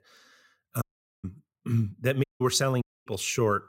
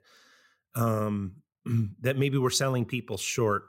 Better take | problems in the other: second | audio cutting out; at 1 s, at 2 s and at 3 s

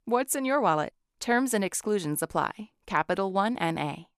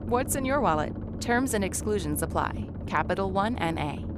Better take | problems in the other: first | low rumble; noticeable; throughout; 15 dB below the speech

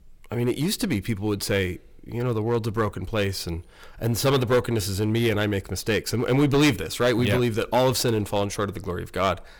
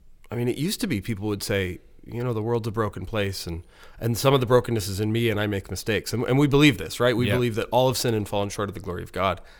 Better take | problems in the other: second | distortion; slight; 5% of the sound clipped

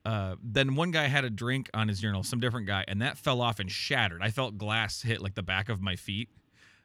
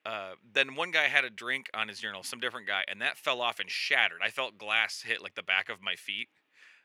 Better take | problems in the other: first | thin; very; fading below 550 Hz

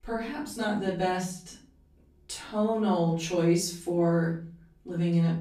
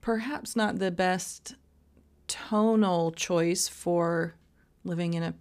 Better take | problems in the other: second | room echo; noticeable; dies away in 0.4 s // off-mic speech; far

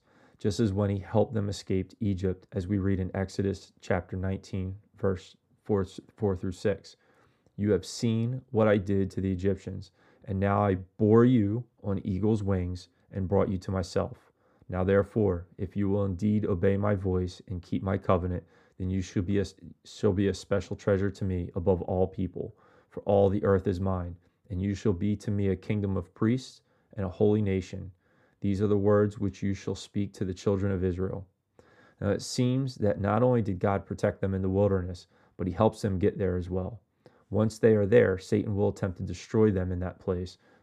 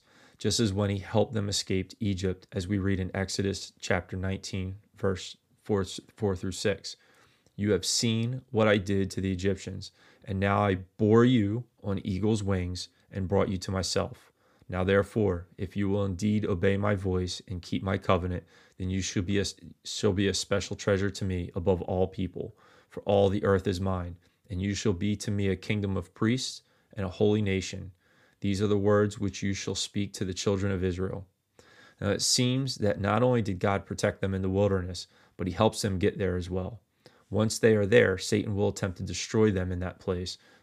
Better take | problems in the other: second | muffled; slightly; fading above 2 kHz

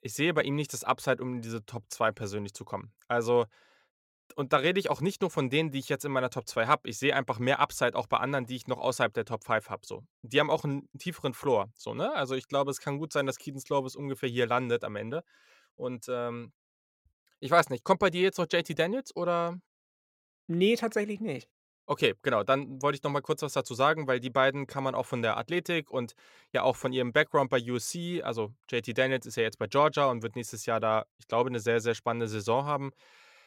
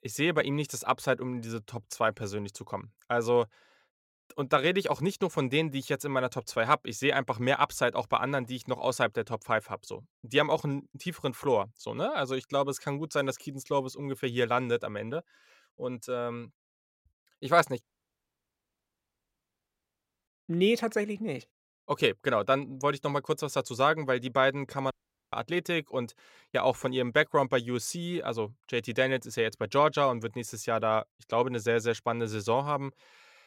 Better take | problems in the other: first | audio cutting out; at 18 s for 2.5 s and at 25 s

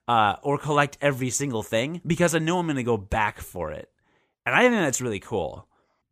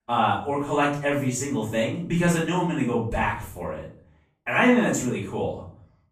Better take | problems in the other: first | off-mic speech; far // room echo; noticeable; dies away in 0.5 s

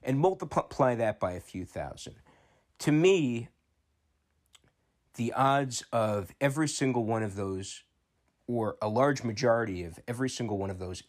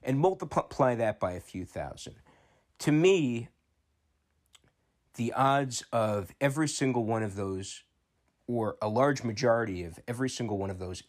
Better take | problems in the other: neither | none

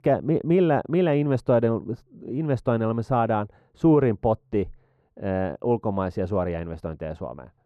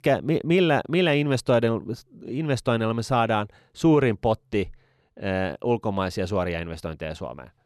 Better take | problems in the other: second | muffled; very; fading above 2 kHz

